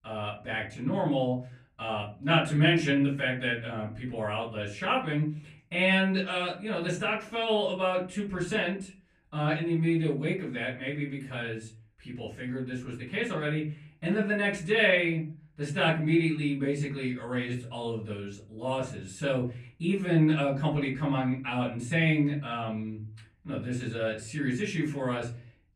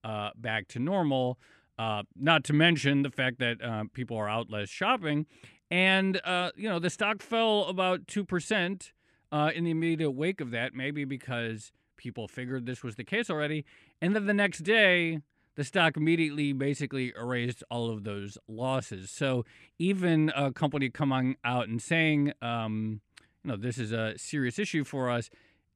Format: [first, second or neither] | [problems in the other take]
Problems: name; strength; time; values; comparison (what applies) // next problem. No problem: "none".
second | off-mic speech; far // room echo; slight; dies away in 0.3 s